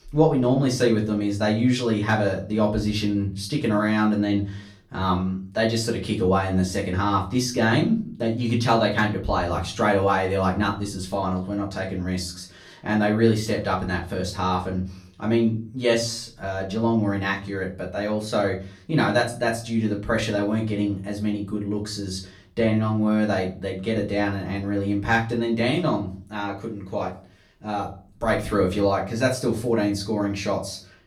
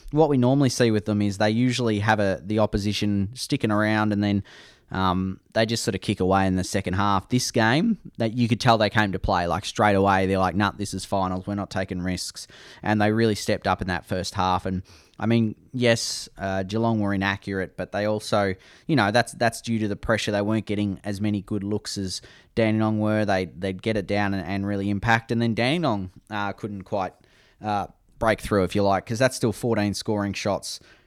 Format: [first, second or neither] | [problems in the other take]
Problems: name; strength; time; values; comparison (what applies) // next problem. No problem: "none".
second | room echo; slight; dies away in 0.4 s // off-mic speech; far